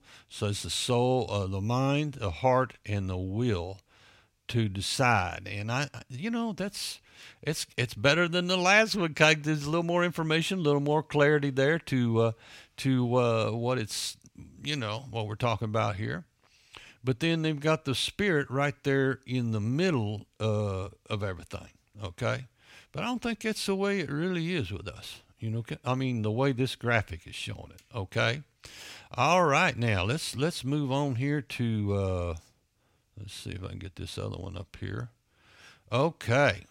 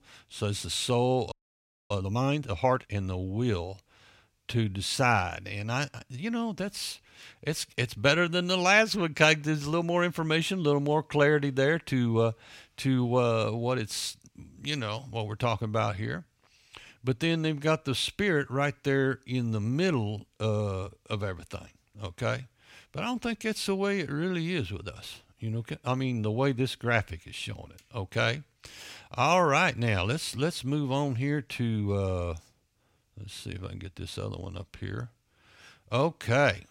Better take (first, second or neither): first